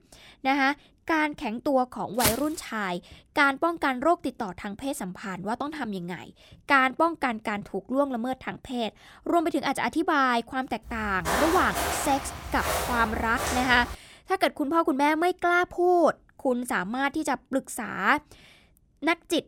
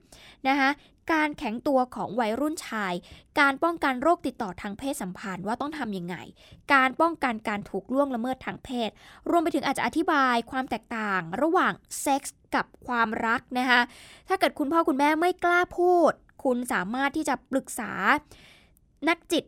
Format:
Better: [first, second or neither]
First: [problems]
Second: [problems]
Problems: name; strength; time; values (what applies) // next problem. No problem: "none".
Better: second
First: footsteps; loud; at 2 s and from 11 to 14 s; peak level with the speech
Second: none